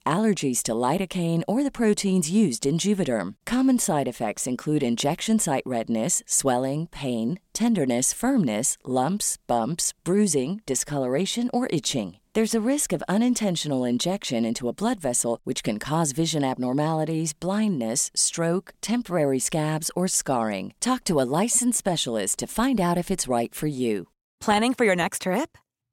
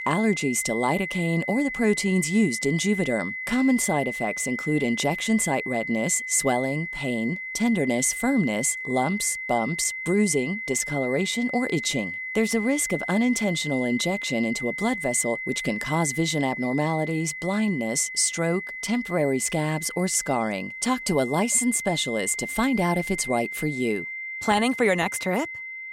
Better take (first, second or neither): first